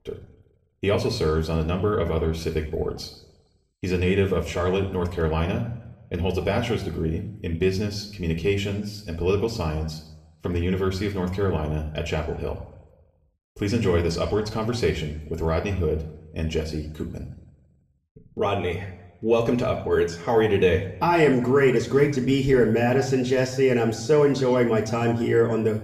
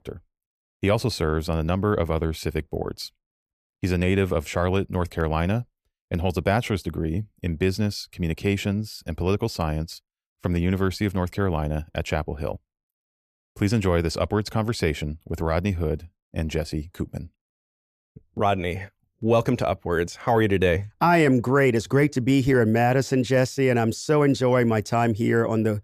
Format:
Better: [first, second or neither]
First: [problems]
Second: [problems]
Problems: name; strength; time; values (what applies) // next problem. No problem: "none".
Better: second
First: room echo; slight; dies away in 0.7 s // off-mic speech; somewhat distant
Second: none